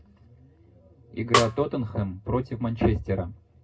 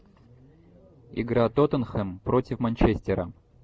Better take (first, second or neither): second